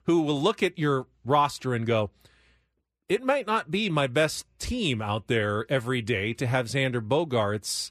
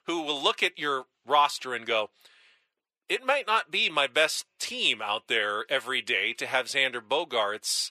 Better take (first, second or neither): first